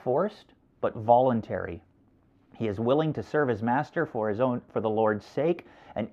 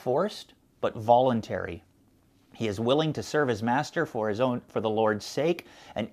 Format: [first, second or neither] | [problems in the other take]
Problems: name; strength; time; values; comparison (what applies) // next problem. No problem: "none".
second | muffled; very; fading above 3 kHz